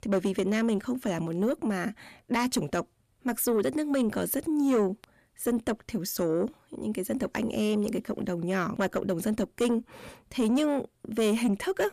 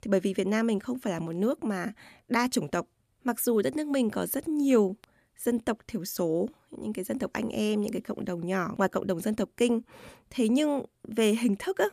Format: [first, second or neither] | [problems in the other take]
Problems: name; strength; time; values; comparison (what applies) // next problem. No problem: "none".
second | distortion; slight; 10 dB below the speech